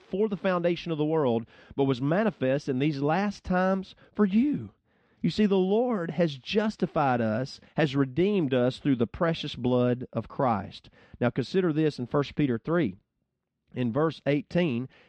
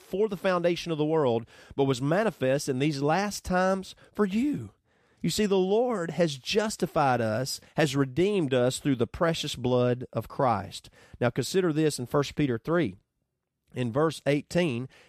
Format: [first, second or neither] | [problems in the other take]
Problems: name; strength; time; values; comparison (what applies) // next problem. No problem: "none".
second | muffled; very slightly; fading above 4 kHz